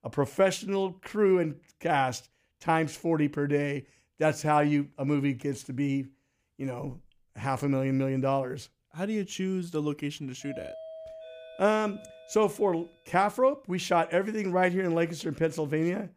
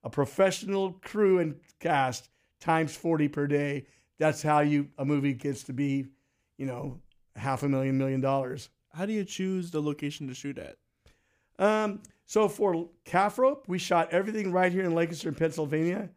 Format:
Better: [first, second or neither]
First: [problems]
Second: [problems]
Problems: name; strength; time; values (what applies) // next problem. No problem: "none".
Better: second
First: doorbell; faint; from 10 to 13 s; peak 15 dB below the speech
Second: none